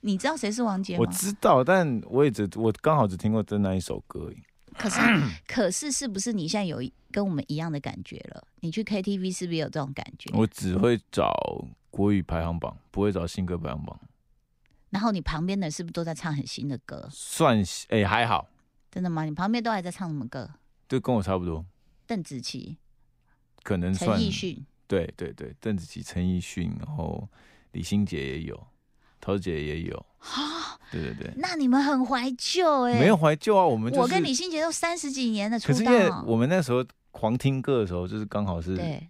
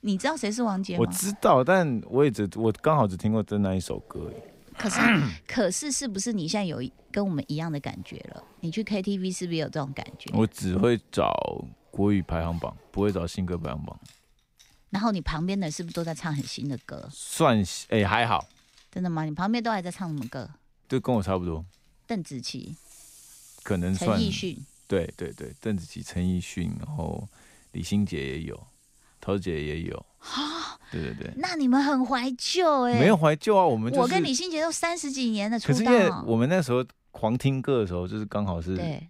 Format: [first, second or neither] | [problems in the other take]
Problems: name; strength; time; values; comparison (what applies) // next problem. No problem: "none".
first | household noises; faint; throughout; 30 dB below the speech